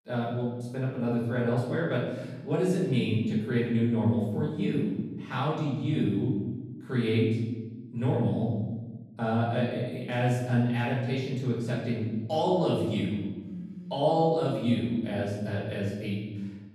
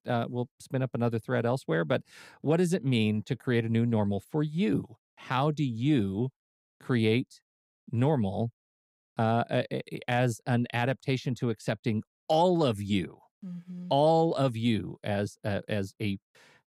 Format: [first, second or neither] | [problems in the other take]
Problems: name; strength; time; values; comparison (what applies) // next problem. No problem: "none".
second | off-mic speech; far // room echo; noticeable; dies away in 1.2 s